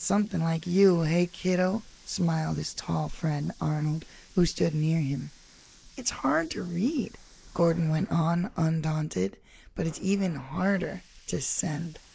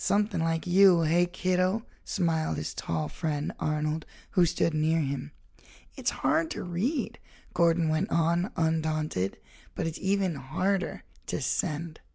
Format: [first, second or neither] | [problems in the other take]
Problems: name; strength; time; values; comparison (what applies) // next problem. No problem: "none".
second | noise reduction (neural mask model Resemble Enhance denoiser)